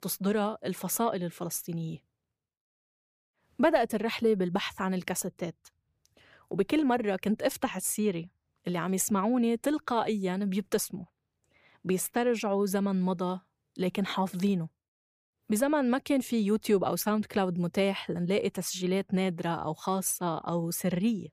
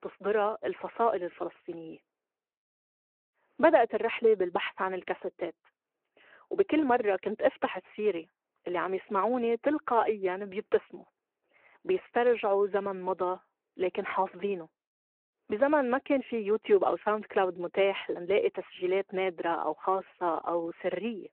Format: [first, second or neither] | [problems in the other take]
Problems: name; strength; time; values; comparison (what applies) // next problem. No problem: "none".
first | phone-call audio